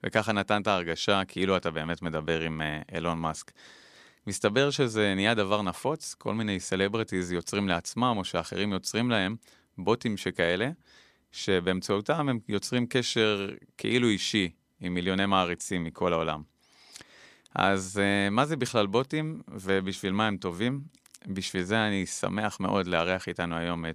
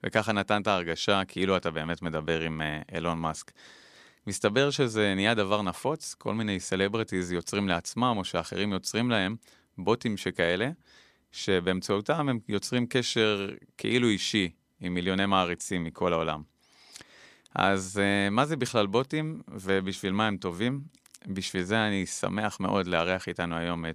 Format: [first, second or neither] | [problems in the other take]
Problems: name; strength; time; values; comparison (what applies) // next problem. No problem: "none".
neither | none